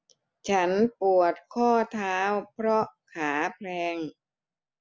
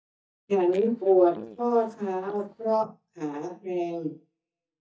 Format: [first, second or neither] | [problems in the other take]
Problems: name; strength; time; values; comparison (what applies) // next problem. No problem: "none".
first | noise reduction (neural mask model DeepFilterNet 3)